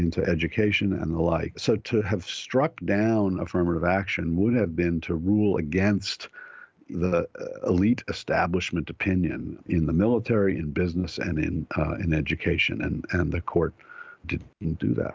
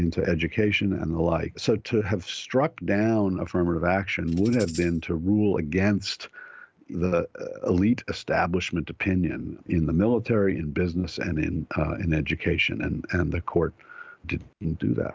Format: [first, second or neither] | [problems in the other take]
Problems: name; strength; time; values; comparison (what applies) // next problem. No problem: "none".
first | background sound (Tambourine); 18 dB below the speech